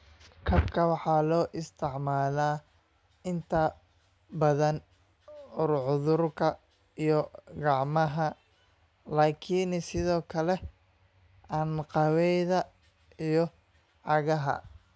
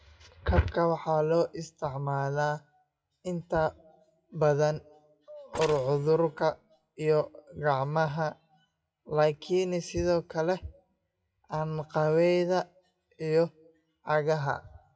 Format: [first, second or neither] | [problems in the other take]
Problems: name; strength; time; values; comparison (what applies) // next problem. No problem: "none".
first | noise reduction (classical method WPE with log-MMSE)